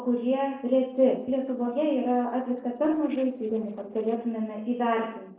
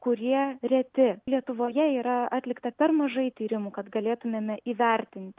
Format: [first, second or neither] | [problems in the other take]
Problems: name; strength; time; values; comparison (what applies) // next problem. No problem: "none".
second | noise reduction (neural separator model SepFormer DNS4)